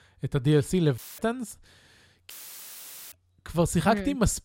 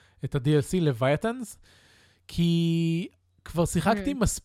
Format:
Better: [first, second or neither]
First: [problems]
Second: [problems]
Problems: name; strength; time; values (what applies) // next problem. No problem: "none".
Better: second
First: audio cutting out; filled with static; at 1 s and at 2.5 s for 1 s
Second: none